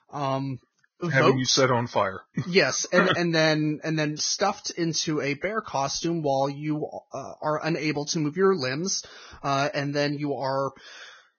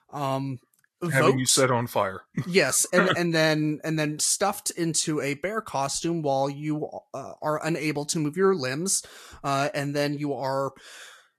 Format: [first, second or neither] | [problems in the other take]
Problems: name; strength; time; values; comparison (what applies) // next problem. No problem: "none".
second | garbled, watery; badly; nothing above 6.5 kHz; slightly in the second